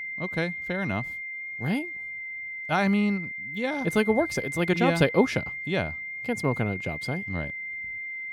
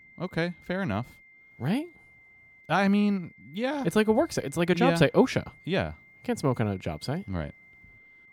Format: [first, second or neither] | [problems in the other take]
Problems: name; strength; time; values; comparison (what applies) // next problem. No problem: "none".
second | high-pitched whine; loud; throughout; 2 kHz, 6 dB below the speech; faint in the second